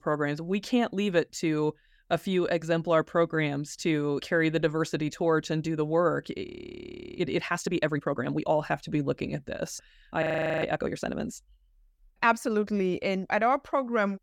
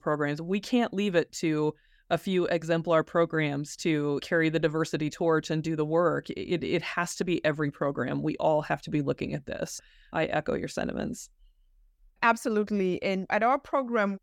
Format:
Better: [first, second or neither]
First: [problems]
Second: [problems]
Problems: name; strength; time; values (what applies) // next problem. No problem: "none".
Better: second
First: audio freezing; at 6.5 s for 0.5 s and at 10 s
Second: none